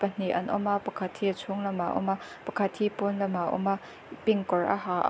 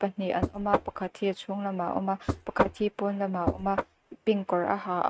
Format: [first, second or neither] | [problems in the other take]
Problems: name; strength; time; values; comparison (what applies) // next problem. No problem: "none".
first | noise reduction (neural mask model RNNoise)